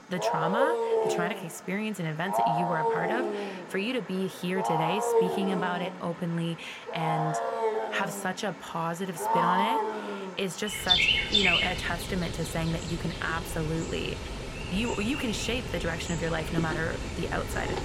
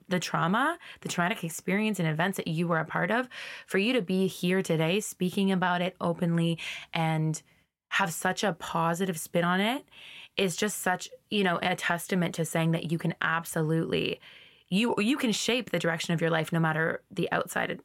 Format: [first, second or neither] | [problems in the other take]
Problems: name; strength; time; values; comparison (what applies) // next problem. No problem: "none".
second | animal sounds; very loud; throughout; 3 dB above the speech